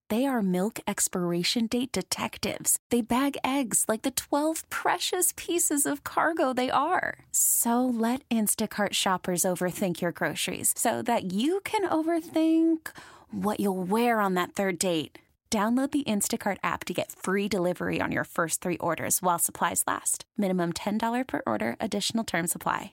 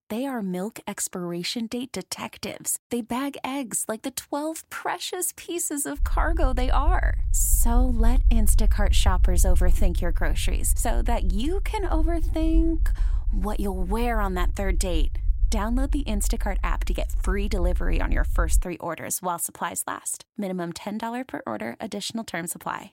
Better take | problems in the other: first | low rumble; faint; from 6 to 19 s; 20 dB below the speech

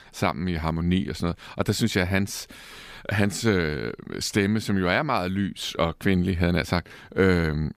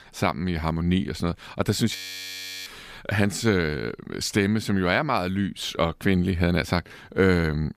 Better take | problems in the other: first | audio freezing; at 2 s for 0.5 s

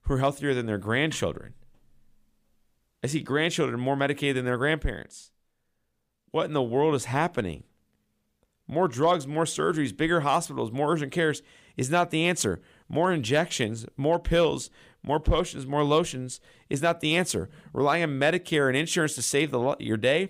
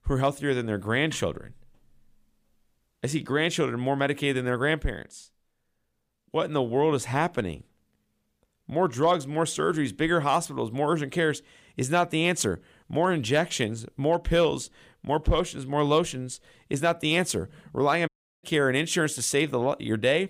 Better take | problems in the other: first | audio cutting out; at 18 s

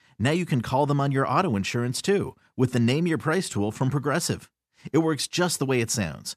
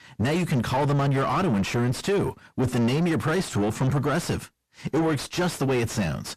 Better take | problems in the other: first | distortion; heavy; 6 dB below the speech

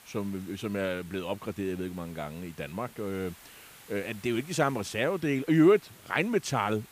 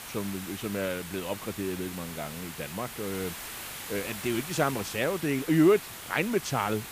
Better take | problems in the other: first | hiss; loud; throughout; 9 dB below the speech; faint in the first

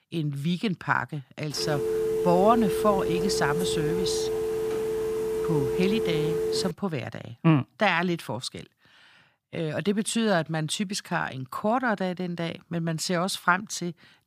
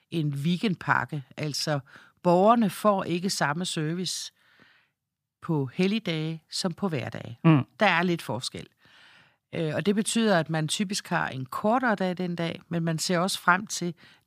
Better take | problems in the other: second | phone ringing; loud; from 1.5 to 6.5 s; peak 1 dB above the speech

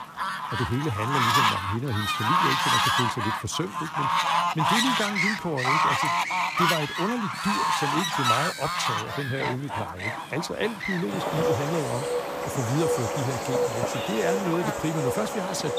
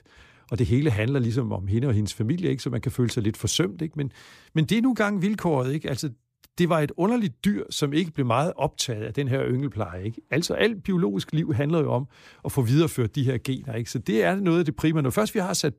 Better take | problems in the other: second | animal sounds; very loud; throughout; 5 dB above the speech

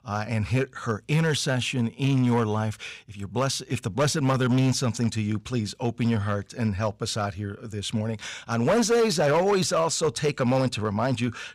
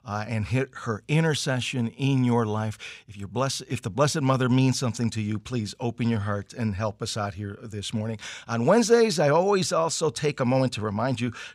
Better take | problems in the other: second | distortion; slight; 6% of the sound clipped

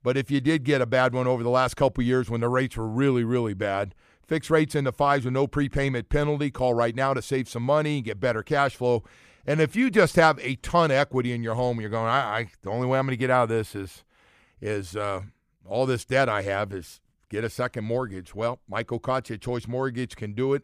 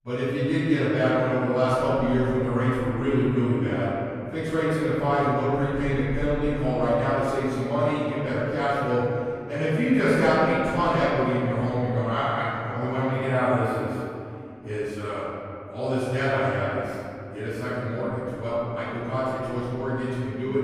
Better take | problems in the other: first | off-mic speech; far // room echo; strong; dies away in 2.6 s

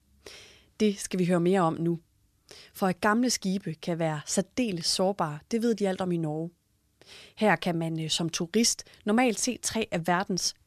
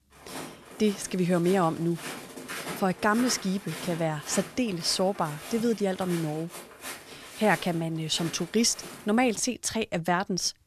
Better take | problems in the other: first | footsteps; noticeable; until 9.5 s; peak 8 dB below the speech

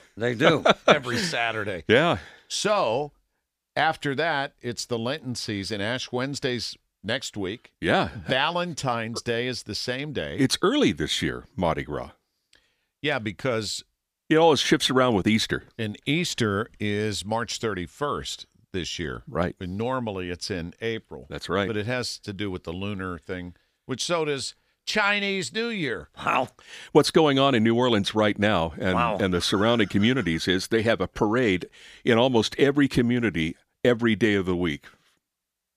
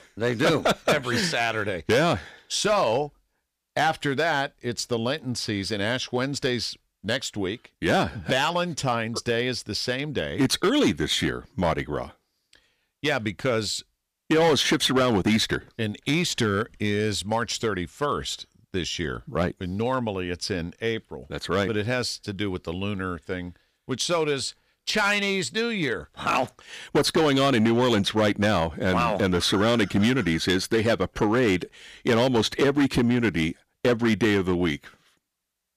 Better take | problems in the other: first | distortion; slight; 5% of the sound clipped

